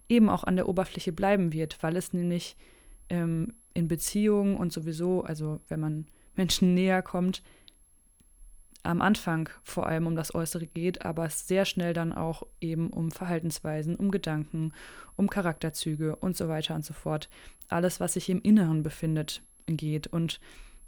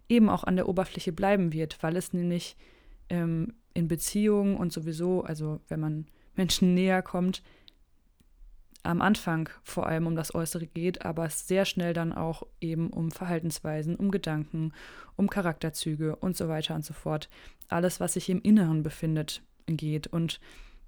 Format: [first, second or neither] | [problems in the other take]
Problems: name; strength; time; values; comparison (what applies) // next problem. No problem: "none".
second | high-pitched whine; faint; throughout; 11 kHz, 30 dB below the speech